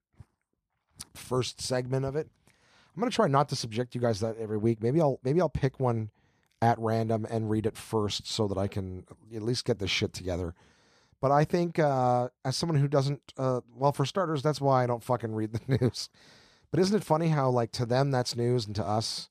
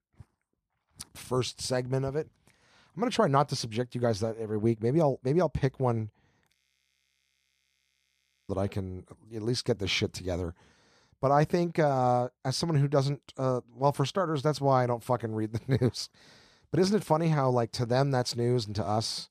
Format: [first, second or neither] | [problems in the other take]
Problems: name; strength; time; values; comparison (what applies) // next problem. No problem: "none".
first | audio freezing; at 6.5 s for 2 s